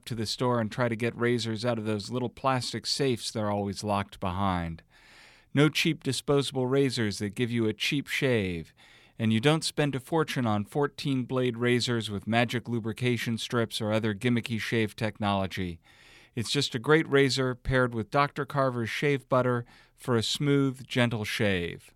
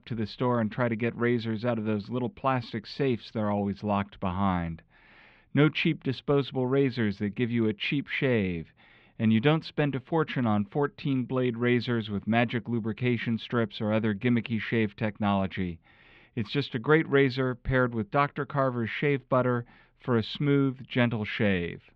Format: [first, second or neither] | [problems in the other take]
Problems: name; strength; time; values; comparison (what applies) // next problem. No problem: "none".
first | muffled; slightly; fading above 3 kHz